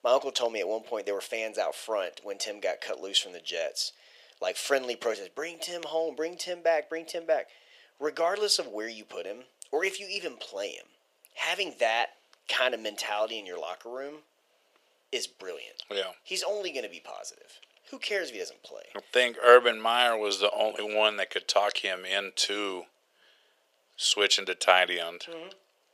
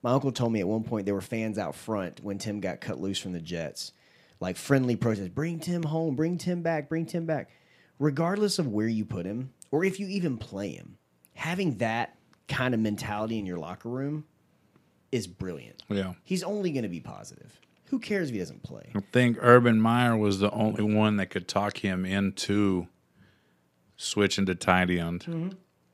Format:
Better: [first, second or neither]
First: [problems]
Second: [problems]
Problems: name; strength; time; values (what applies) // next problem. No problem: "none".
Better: second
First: thin; very; fading below 450 Hz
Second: none